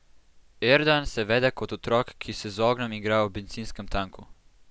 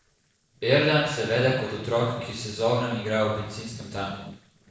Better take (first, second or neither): first